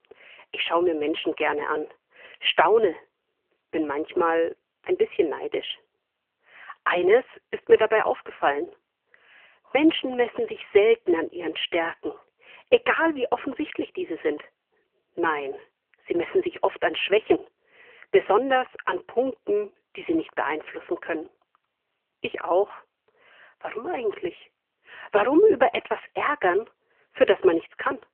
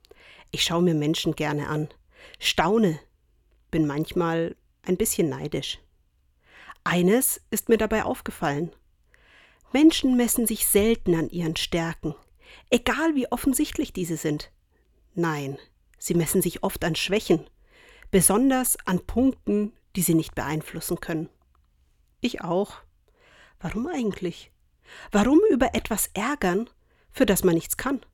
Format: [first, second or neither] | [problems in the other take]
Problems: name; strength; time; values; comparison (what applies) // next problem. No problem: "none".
second | phone-call audio; poor line; nothing above 3 kHz